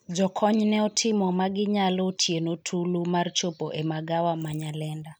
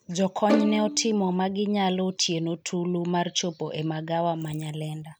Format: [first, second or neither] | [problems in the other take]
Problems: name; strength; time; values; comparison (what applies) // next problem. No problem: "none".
first | background sound (Bowed string instrument); 7 dB below the speech